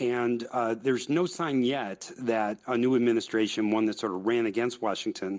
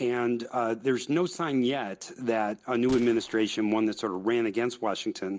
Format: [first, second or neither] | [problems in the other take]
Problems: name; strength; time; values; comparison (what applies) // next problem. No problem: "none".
first | background sound (Gunshot, gunfire); 20 dB below the speech